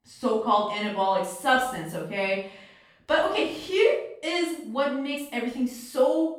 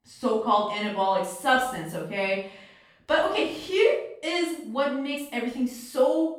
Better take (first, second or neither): neither